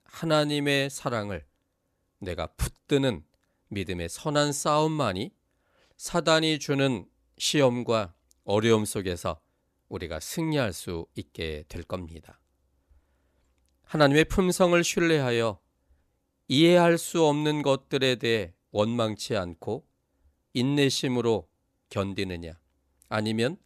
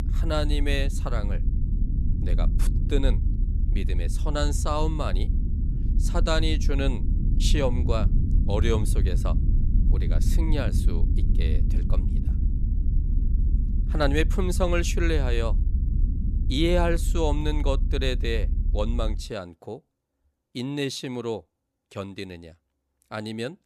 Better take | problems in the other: first | low rumble; noticeable; until 19 s; 10 dB below the speech

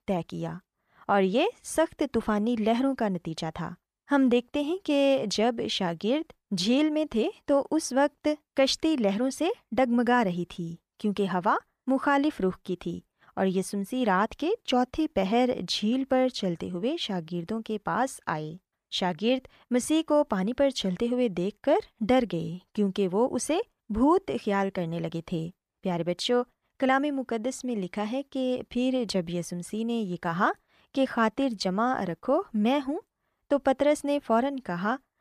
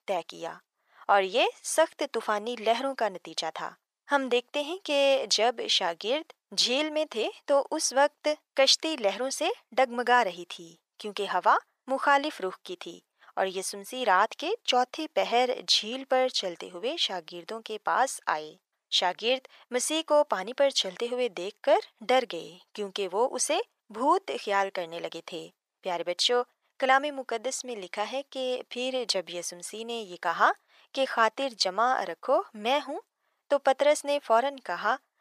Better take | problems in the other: first | thin; very; fading below 650 Hz

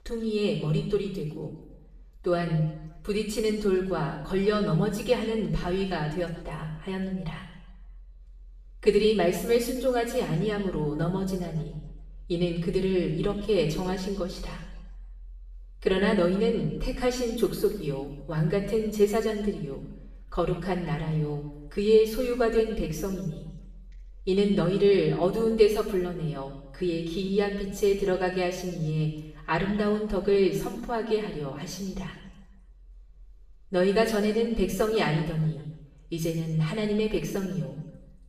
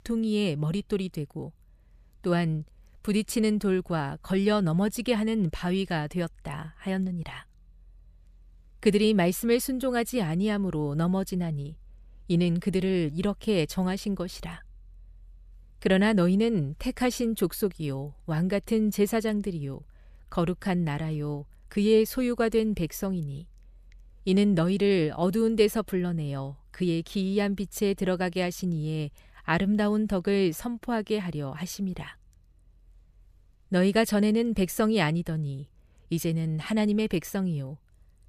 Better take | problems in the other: second | room echo; noticeable; dies away in 0.9 s // off-mic speech; far

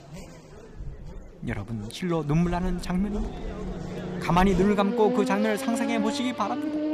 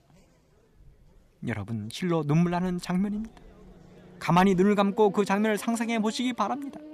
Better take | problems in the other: second | traffic noise; loud; throughout; 7 dB below the speech; faint in the second

